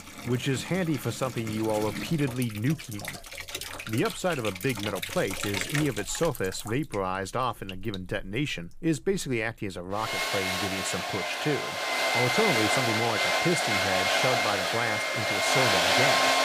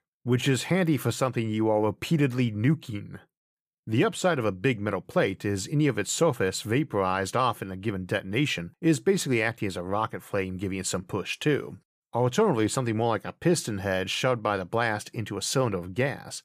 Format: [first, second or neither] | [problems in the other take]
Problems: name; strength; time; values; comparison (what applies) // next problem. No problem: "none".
second | household noises; very loud; throughout; 3 dB above the speech